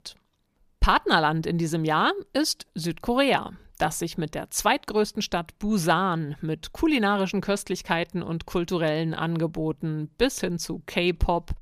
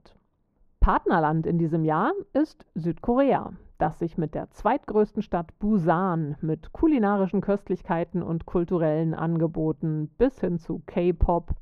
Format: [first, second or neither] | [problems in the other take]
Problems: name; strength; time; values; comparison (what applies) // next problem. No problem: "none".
first | muffled; very; fading above 2.5 kHz